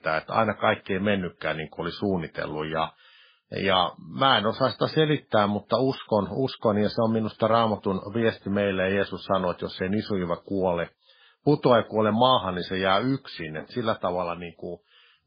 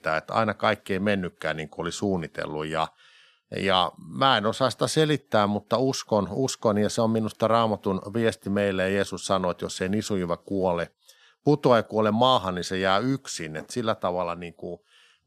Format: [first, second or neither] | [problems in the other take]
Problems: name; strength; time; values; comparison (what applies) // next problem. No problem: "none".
second | garbled, watery; badly; nothing above 4.5 kHz